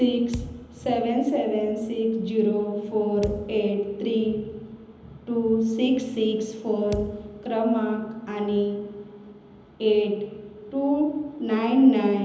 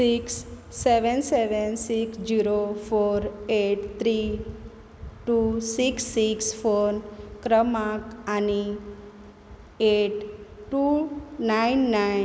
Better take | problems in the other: second | background sound (Thump, thud); 15 dB below the speech // room echo; dies away in 0.9 s

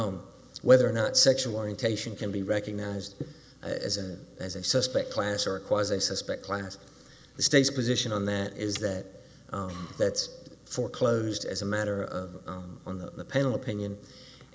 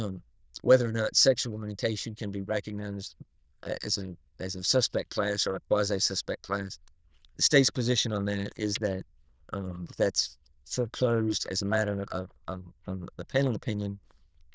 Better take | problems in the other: first | noise reduction (neural diffusion model UNIVERSE++)

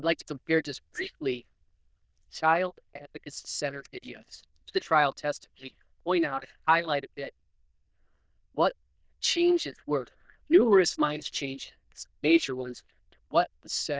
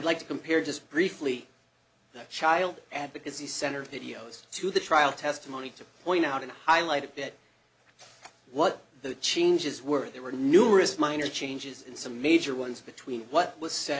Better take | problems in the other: second | noise reduction (neural diffusion model UNIVERSE++)

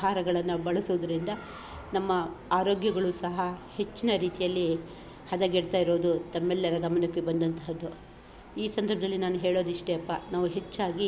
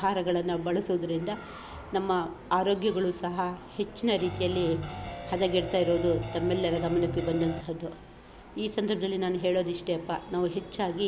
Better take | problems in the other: first | background sound (Guitar); 8 dB below the speech

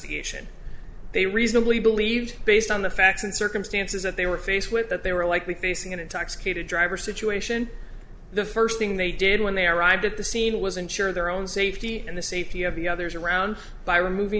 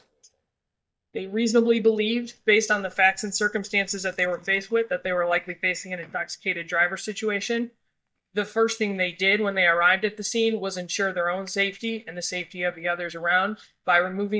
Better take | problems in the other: first | noise reduction (neural mask model DeepFilterNet 3)

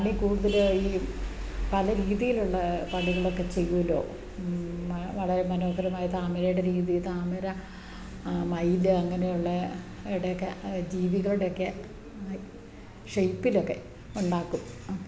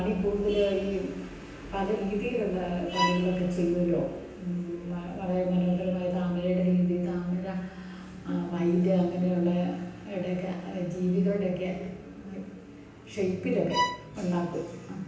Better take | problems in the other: first | background sound (Bowed string instrument); 3 dB below the speech // room echo; dies away in 0.9 s

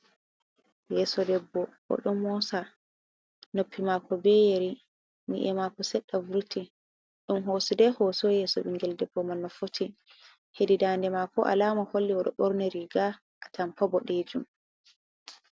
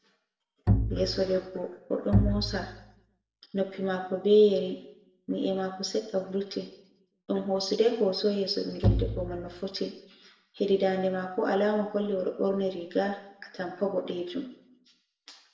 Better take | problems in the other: first | background sound (Bowed string instrument); as loud as the speech // room echo; dies away in 0.7 s

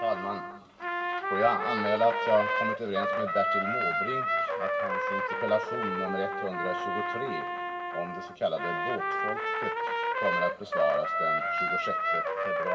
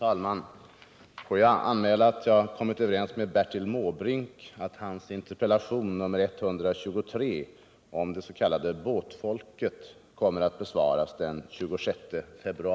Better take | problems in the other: second | background sound (Trumpet); 2 dB above the speech // room echo; dies away in 2.1 s

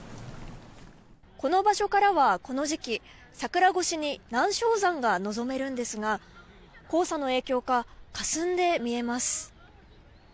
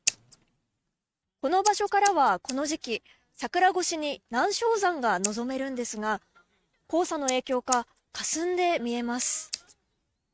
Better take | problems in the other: first | noise reduction (neural mask model RNNoise)

